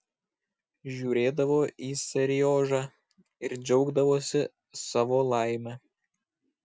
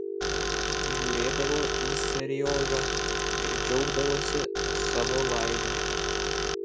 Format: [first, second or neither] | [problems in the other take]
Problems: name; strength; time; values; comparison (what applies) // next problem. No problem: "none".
first | background sound (Telephone + Tools); 4 dB above the speech